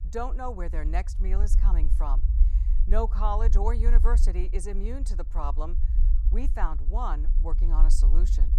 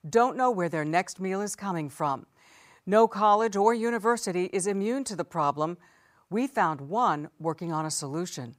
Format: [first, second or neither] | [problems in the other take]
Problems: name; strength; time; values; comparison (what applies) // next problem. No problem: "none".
second | low rumble; noticeable; throughout; 15 dB below the speech